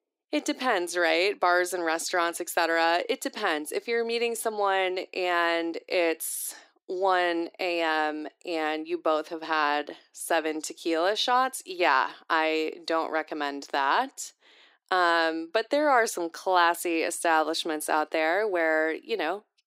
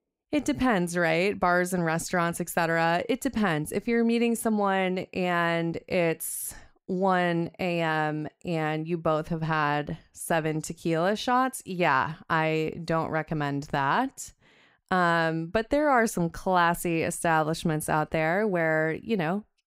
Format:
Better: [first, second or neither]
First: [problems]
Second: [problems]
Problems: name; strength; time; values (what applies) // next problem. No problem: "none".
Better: second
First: thin; somewhat; fading below 300 Hz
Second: none